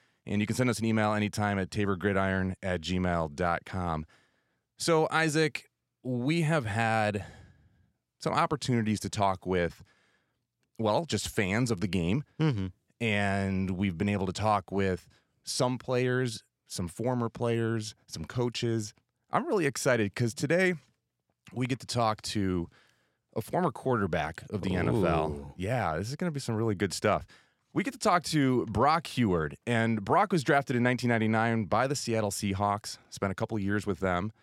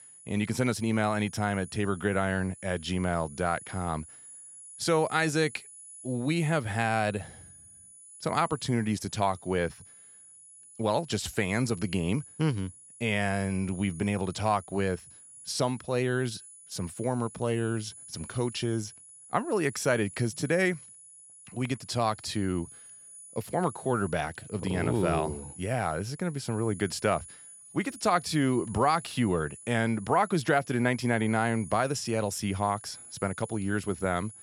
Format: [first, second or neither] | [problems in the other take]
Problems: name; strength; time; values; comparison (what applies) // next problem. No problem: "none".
first | high-pitched whine; noticeable; throughout; 10 kHz, 15 dB below the speech